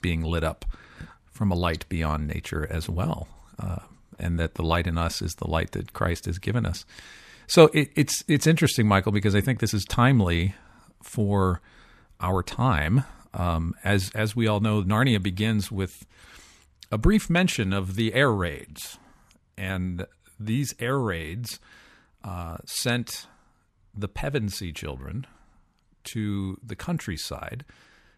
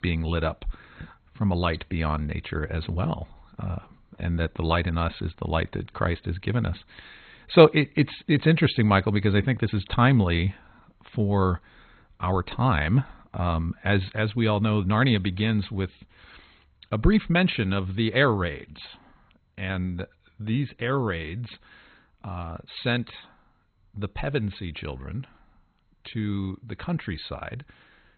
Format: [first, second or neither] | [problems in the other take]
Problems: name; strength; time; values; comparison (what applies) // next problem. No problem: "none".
first | garbled, watery; badly; nothing above 4 kHz